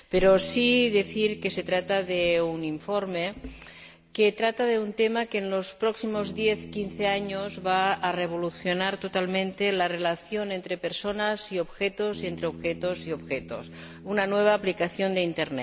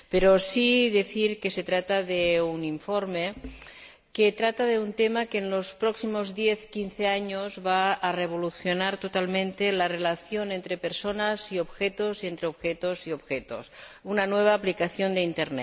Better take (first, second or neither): second